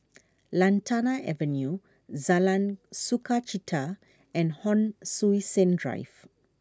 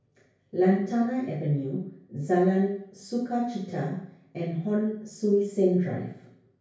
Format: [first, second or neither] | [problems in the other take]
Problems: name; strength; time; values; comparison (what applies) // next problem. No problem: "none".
first | room echo; dies away in 0.6 s